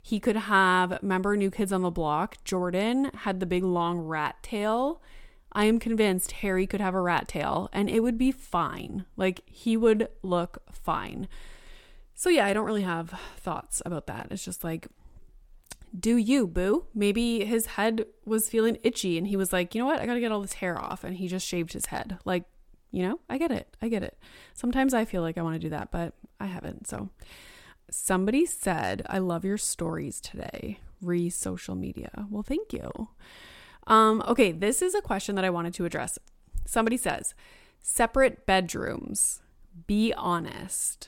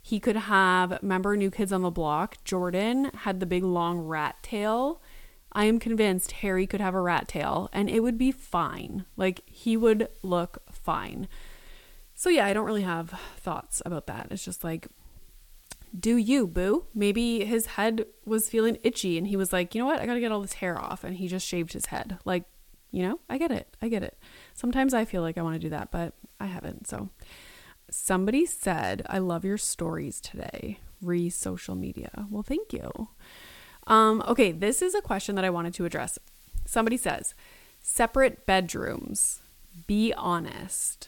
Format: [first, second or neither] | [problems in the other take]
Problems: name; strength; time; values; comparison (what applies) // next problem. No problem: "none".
first | hiss; faint; throughout; 30 dB below the speech